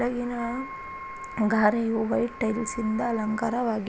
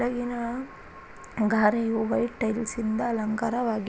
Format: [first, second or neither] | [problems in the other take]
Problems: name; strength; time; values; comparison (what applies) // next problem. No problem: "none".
second | background sound (Wind instrument, woodwind instrument); 15 dB below the speech